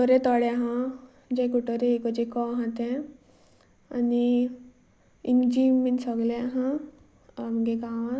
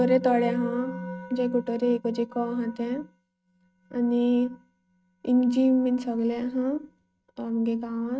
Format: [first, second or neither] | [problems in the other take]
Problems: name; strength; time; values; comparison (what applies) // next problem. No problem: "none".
first | noise reduction (neural mask model RNNoise)